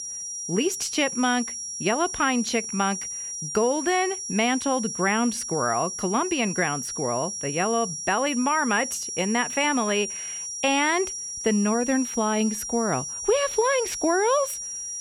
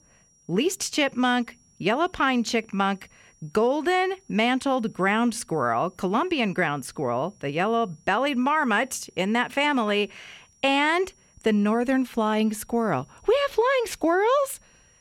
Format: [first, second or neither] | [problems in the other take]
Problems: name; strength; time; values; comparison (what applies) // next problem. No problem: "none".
second | high-pitched whine; loud; throughout; 5.5 kHz, 5 dB below the speech; faint in the second